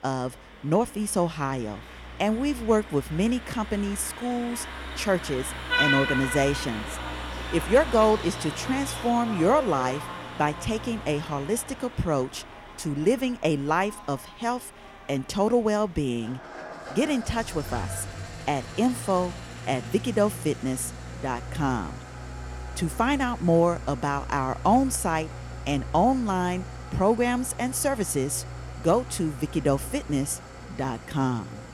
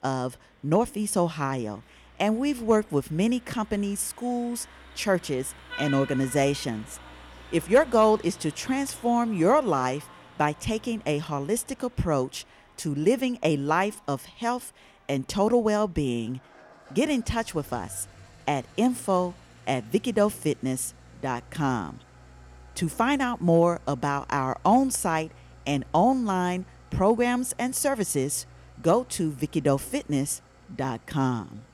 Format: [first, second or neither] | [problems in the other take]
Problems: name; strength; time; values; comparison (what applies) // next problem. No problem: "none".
second | traffic noise; loud; throughout; 9 dB below the speech; faint in the second